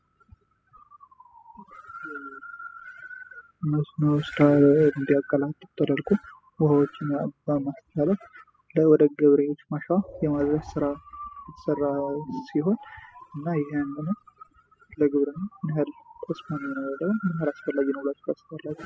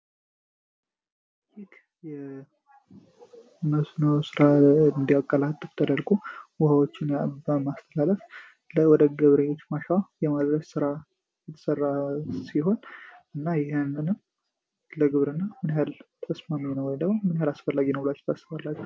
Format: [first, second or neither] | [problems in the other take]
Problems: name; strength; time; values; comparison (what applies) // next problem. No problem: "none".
second | noise reduction (classical method spectral subtraction)